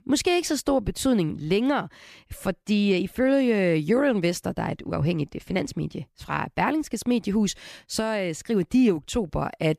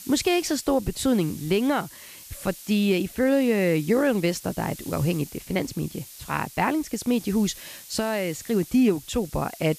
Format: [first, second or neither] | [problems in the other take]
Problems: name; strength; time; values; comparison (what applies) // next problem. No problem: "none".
first | hiss; noticeable; throughout; 15 dB below the speech